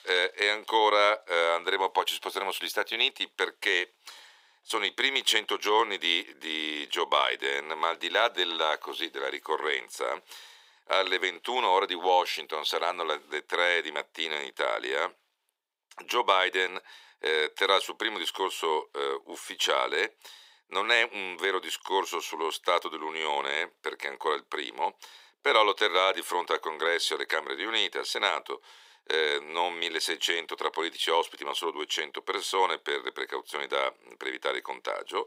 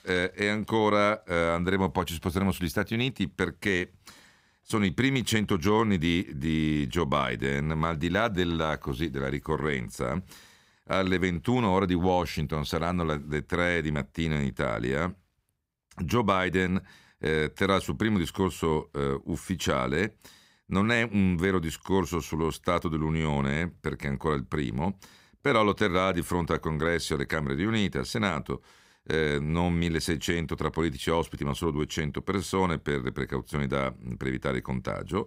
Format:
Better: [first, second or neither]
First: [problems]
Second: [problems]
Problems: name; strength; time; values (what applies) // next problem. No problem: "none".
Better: second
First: thin; very; fading below 400 Hz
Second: none